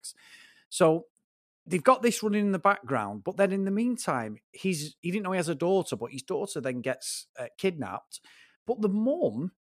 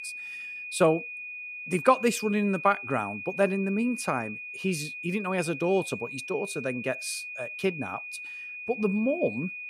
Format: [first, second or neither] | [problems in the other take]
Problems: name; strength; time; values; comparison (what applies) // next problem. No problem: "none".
first | high-pitched whine; loud; throughout; 2.5 kHz, 8 dB below the speech